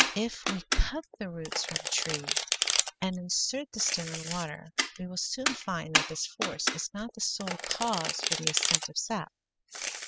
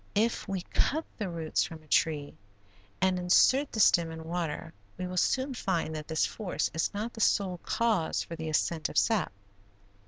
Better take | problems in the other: second | noise reduction (classical method spectral subtraction)

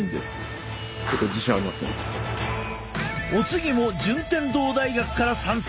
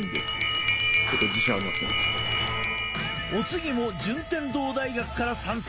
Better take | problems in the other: first | background sound (Bell); 1 dB above the speech

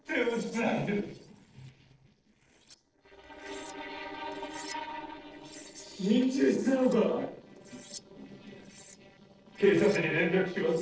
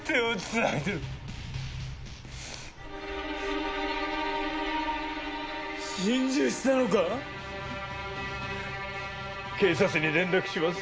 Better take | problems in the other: second | noise reduction (neural separator model SepFormer DNS4)

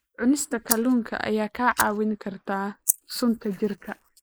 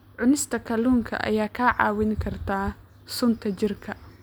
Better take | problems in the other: second | noise reduction (neural mask model Resemble Enhance denoiser)

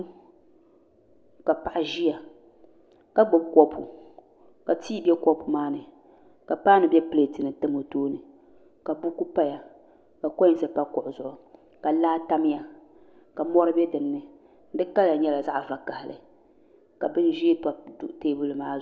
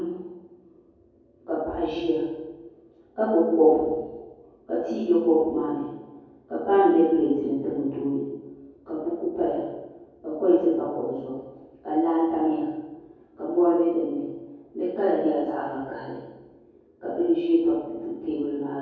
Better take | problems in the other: first | room echo; dies away in 1.3 s

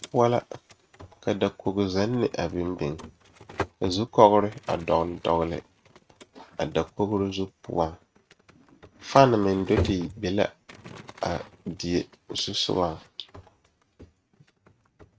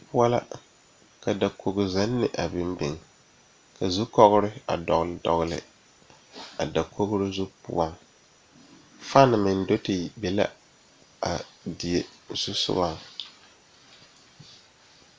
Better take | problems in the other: second | noise reduction (neural mask model RNNoise)

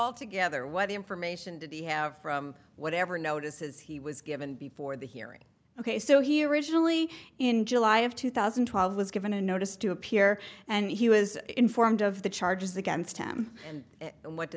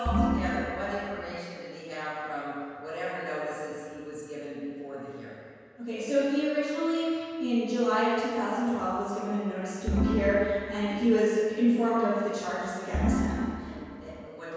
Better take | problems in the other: first | background sound (Organ); as loud as the speech // room echo; dies away in 1.9 s

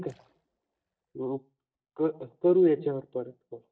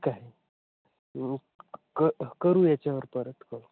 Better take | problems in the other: second | noise reduction (neural mask model DeepFilterNet 3)

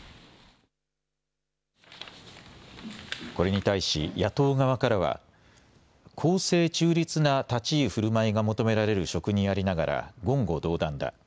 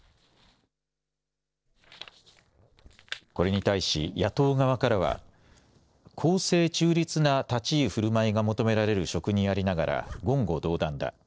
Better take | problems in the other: first | noise reduction (neural separator model SepFormer DNS4)

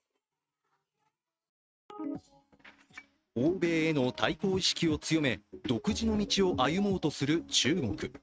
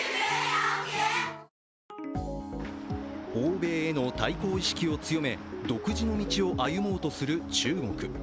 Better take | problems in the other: second | noise reduction (neural mask model RNNoise)

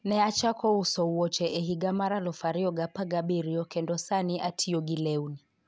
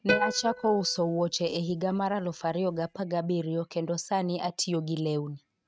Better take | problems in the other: first | noise reduction (neural mask model RNNoise)

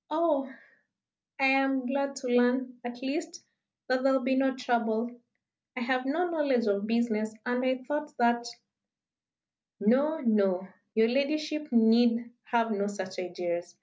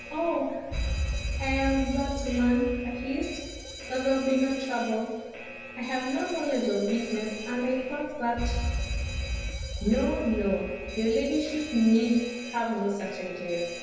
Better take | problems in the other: first | background sound (Alarm); 6 dB below the speech // room echo; dies away in 1.2 s

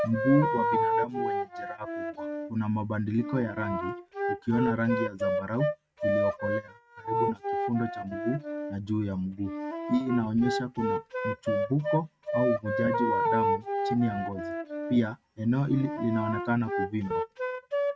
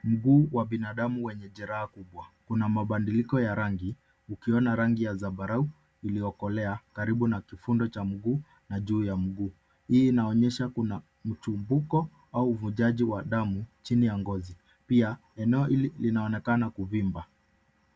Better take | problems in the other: second | noise reduction (neural mask model RNNoise)

